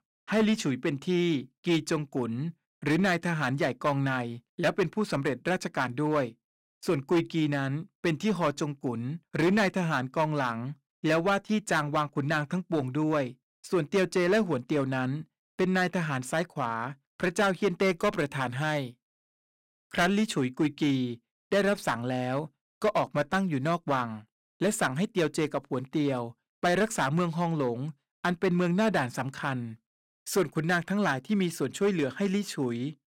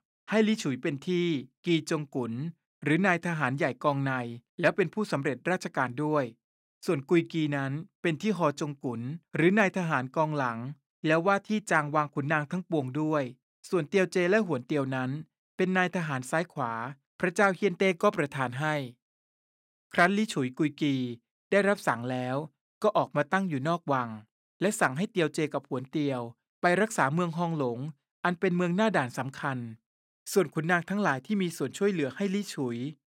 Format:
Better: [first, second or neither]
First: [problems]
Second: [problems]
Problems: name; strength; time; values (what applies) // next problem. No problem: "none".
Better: second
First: distortion; slight; 5% of the sound clipped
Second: none